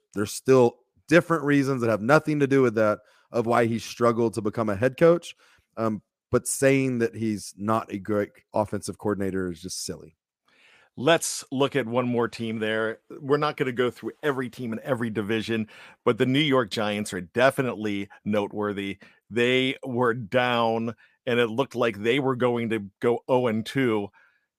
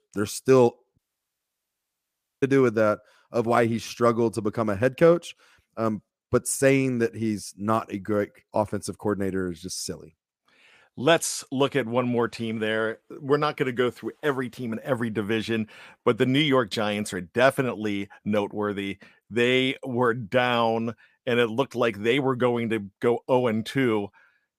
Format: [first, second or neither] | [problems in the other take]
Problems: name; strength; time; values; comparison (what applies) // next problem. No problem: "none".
first | audio cutting out; at 1 s for 1.5 s